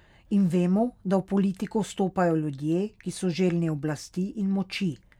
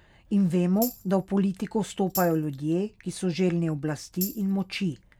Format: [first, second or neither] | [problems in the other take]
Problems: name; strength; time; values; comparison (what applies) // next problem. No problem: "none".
first | background sound (Tambourine); 13 dB below the speech